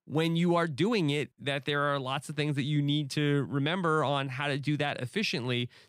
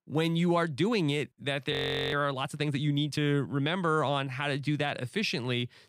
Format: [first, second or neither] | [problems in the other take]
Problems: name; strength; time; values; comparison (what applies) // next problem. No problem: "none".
first | audio freezing; at 1.5 s